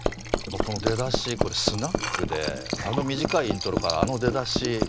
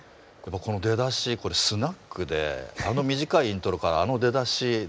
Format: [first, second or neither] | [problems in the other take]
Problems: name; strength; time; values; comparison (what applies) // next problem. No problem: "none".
second | background sound (Hammer + Liquid); as loud as the speech